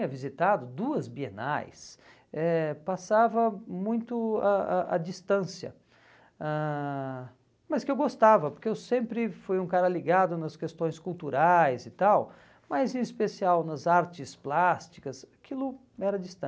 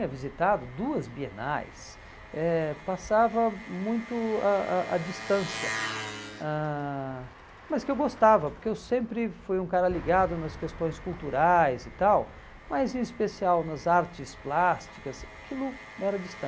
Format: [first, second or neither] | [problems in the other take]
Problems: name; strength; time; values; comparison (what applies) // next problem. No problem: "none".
first | background sound (Engine); 14 dB below the speech